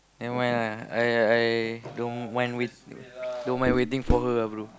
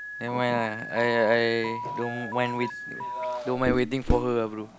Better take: first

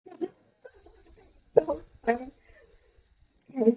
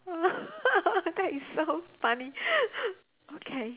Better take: second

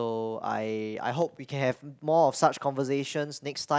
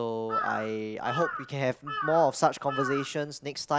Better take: first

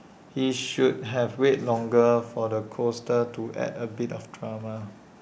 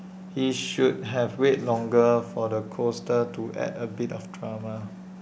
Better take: first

